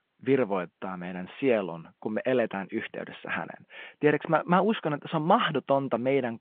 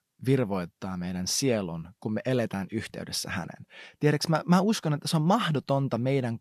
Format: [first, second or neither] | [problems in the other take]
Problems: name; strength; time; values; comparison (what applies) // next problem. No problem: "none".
second | phone-call audio